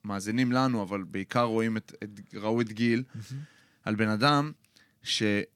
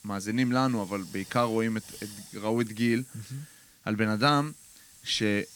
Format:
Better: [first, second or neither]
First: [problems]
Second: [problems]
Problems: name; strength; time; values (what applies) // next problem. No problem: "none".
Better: first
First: none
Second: hiss; noticeable; throughout; 20 dB below the speech